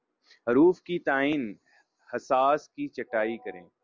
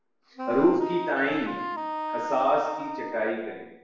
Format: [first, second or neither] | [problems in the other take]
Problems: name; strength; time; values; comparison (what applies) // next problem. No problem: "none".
first | background sound (Wind instrument, woodwind instrument); 6 dB below the speech // room echo; dies away in 0.9 s